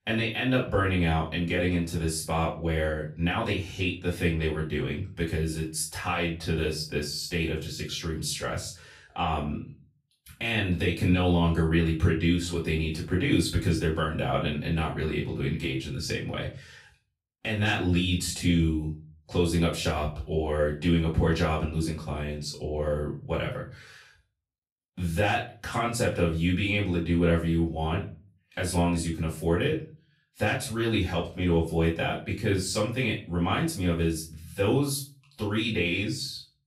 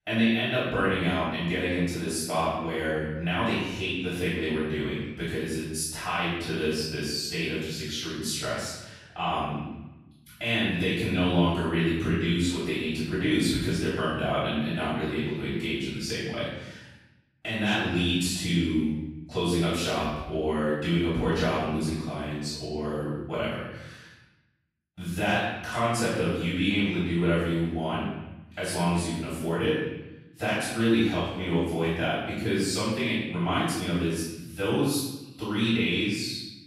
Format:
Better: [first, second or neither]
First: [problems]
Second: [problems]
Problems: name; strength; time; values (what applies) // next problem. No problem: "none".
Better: first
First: room echo; slight; dies away in 0.3 s // off-mic speech; far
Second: room echo; strong; dies away in 0.9 s // off-mic speech; far